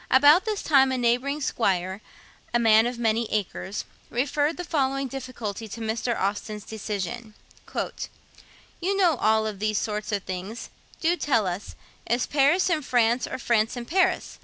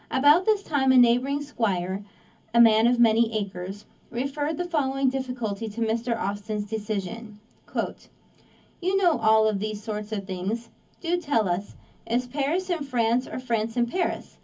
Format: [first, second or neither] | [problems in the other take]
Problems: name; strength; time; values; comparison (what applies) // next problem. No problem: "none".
first | room echo; dies away in 0.3 s